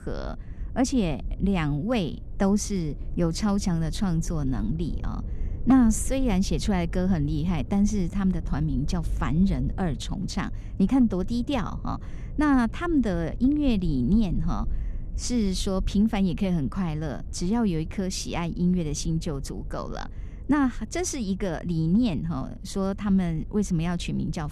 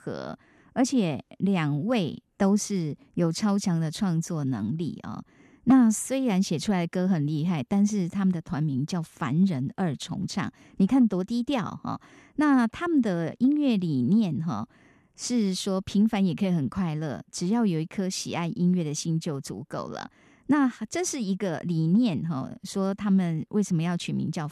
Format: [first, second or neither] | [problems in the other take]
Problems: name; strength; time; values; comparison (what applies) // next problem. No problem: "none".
second | low rumble; faint; throughout; 20 dB below the speech